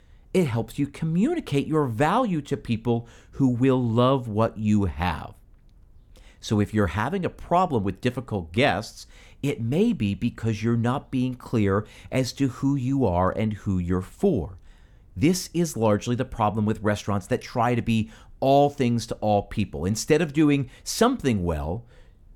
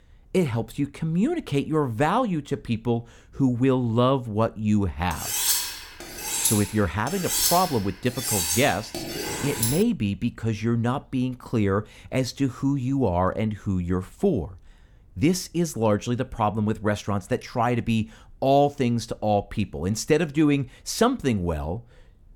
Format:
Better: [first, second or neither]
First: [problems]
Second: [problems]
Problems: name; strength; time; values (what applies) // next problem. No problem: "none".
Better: first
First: none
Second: clattering dishes; loud; from 5 to 10 s; peak 4 dB above the speech